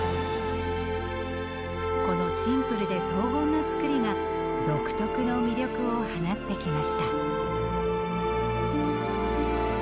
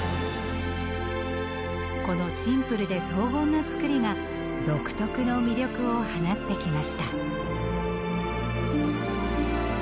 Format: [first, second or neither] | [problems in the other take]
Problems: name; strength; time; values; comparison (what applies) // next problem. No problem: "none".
second | background sound (Wind instrument, woodwind instrument); 2 dB below the speech